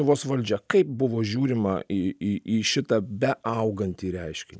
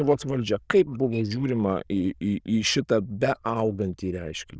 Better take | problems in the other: first | noise reduction (neural diffusion model UNIVERSE++)

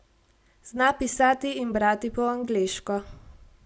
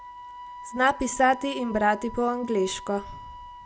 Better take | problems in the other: first | background sound (Wind instrument, woodwind instrument); 14 dB below the speech

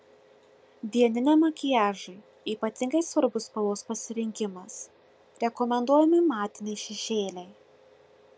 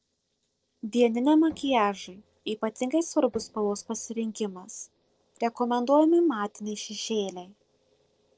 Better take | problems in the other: first | noise reduction (neural separator model SepFormer DNS4)

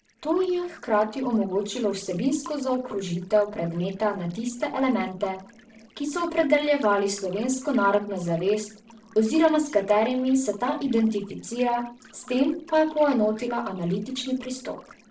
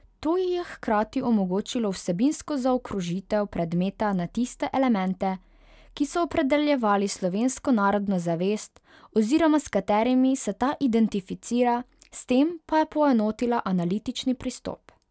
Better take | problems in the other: second | noise reduction (neural separator model SepFormer DNS4)

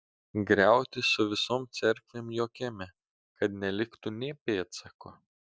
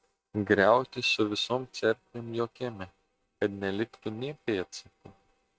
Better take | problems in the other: first | noise reduction (neural mask model RNNoise)

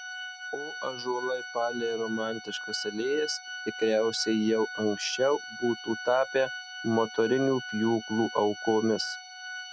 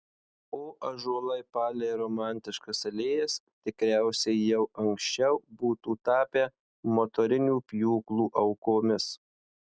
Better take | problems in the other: second | background sound (Organ); 10 dB below the speech

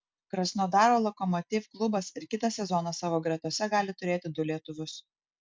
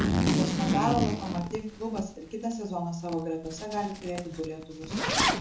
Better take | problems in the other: first | background sound (Zipper (clothing)); 3 dB above the speech // room echo; dies away in 0.6 s

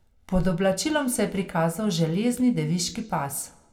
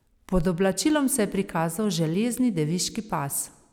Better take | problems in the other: second | room echo; dies away in 0.2 s

